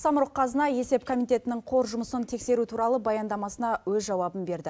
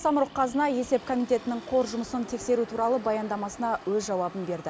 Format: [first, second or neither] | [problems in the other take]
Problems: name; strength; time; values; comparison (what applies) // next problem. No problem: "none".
first | background sound (Motor vehicle (road)); 18 dB below the speech